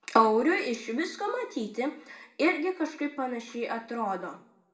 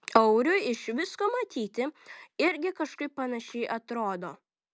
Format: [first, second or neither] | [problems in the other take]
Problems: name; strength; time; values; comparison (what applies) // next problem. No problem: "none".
second | room echo; dies away in 0.5 s